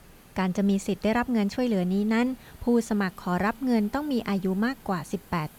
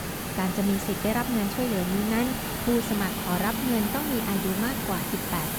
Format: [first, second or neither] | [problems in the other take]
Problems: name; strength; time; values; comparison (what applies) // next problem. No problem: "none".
first | hiss; loud; throughout; 2 dB below the speech; faint in the first